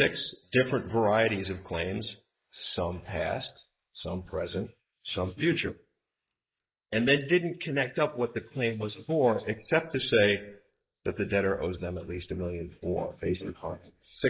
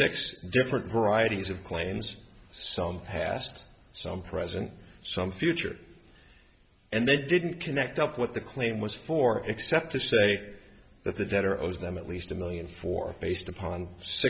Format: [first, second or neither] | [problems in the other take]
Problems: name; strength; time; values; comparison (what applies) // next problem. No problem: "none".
second | noise reduction (neural mask model Resemble Enhance denoiser)